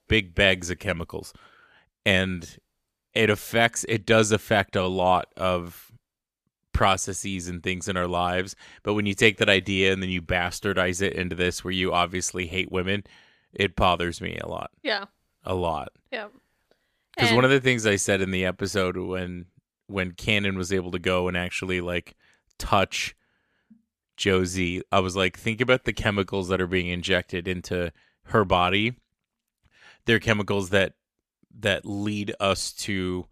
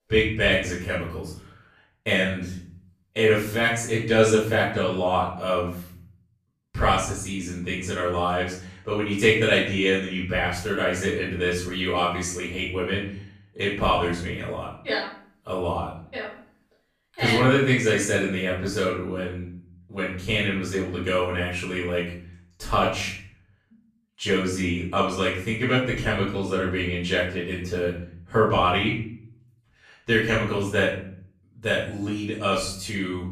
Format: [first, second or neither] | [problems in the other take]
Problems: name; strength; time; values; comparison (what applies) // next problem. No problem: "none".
first | off-mic speech; far // room echo; noticeable; dies away in 0.5 s